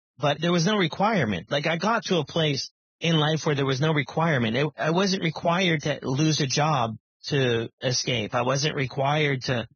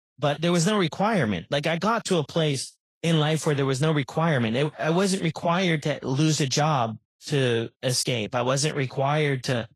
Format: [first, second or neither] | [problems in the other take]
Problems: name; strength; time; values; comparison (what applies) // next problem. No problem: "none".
second | garbled, watery; badly; nothing above 6.5 kHz; slightly in the second